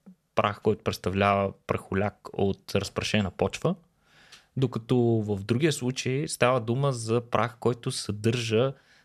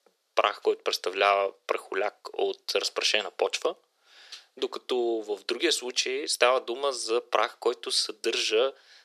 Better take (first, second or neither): first